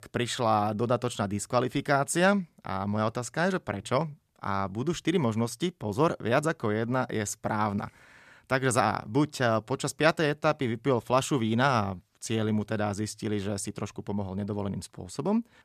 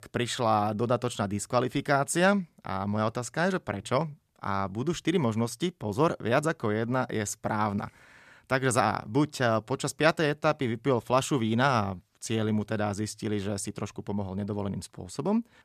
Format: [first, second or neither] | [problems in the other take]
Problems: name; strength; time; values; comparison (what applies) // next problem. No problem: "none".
neither | none